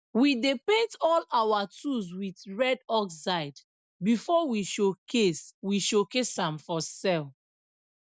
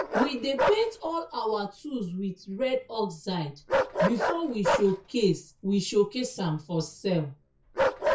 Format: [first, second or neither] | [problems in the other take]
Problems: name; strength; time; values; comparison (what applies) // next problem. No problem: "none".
first | background sound (Bark); 3 dB below the speech // room echo; dies away in 0.2 s